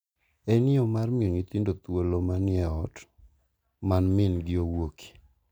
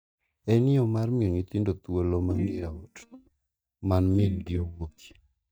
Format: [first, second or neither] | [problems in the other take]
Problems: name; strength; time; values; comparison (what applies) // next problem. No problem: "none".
first | noise reduction (neural mask model DeepFilterNet 3)